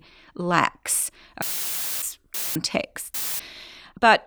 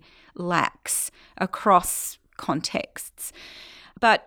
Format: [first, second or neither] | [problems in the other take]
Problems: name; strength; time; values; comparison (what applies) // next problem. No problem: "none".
second | audio cutting out; filled with static; at 1.5 s for 0.5 s, at 2.5 s and at 3 s